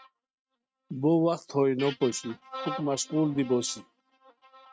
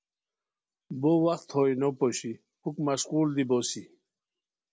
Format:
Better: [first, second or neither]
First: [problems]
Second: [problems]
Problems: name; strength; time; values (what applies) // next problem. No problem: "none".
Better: second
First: noise reduction (neural mask model RNNoise)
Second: none